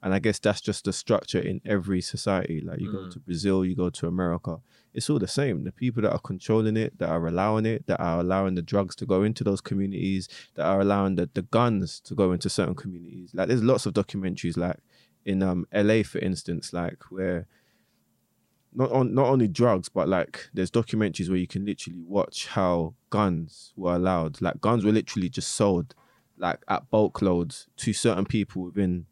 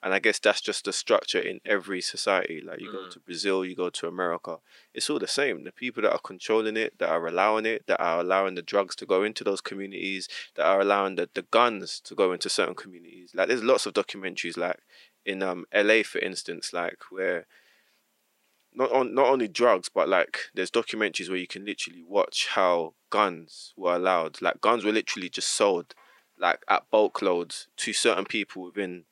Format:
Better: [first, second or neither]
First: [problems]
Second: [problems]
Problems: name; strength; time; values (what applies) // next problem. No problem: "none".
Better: first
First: none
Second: thin; somewhat; fading below 350 Hz